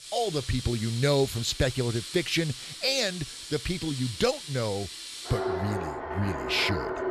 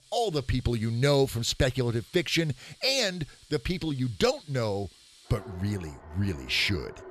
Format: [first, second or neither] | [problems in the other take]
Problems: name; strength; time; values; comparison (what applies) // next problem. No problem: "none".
second | household noises; loud; throughout; 7 dB below the speech; faint in the second